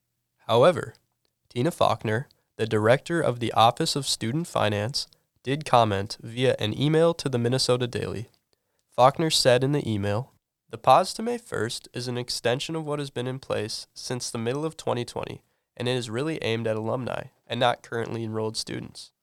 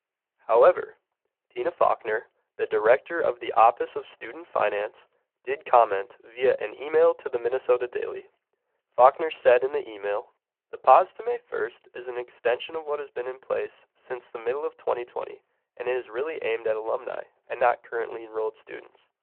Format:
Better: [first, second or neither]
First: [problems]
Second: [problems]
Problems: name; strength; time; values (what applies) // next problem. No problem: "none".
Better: first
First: none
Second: phone-call audio